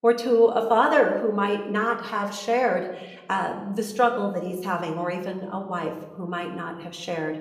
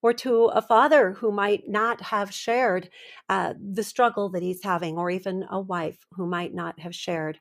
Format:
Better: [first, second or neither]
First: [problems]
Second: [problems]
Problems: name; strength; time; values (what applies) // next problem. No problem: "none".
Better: second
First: room echo; slight; dies away in 0.8 s // off-mic speech; somewhat distant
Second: none